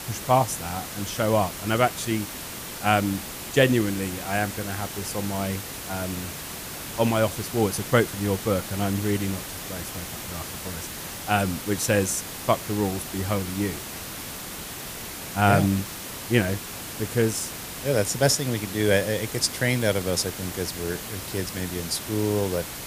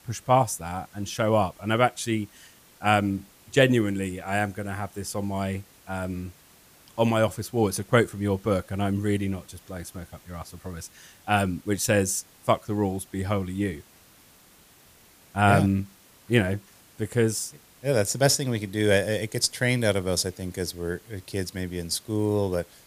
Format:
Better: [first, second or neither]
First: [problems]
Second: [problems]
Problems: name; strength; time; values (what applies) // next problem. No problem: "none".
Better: second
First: hiss; loud; throughout; 8 dB below the speech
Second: hiss; faint; throughout; 25 dB below the speech